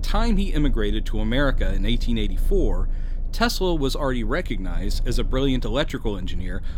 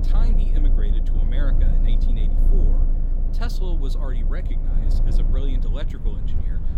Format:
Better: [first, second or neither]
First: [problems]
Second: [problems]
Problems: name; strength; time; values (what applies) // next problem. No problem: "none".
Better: first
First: low rumble; faint; throughout; 20 dB below the speech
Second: low rumble; loud; throughout; 2 dB below the speech